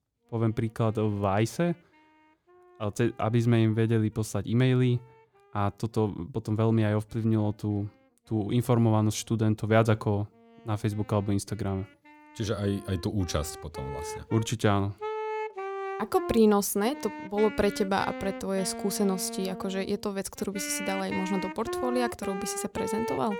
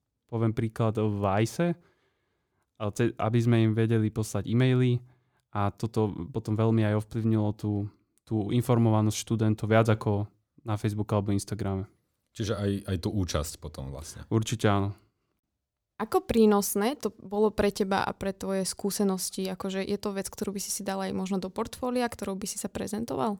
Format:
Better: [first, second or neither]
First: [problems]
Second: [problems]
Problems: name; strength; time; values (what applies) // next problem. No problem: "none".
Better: second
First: background music; loud; throughout; 9 dB below the speech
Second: none